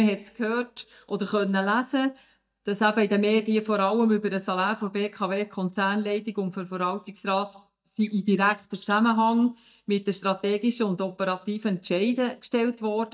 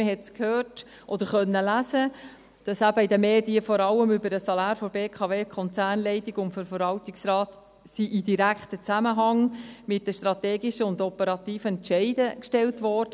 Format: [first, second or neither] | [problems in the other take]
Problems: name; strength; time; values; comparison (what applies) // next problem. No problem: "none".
second | noise reduction (neural mask model DeepFilterNet 3)